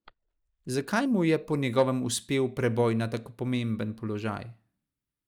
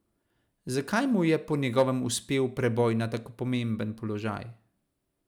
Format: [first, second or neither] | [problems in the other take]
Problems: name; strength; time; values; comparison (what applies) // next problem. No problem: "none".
second | noise reduction (neural mask model DeepFilterNet 3)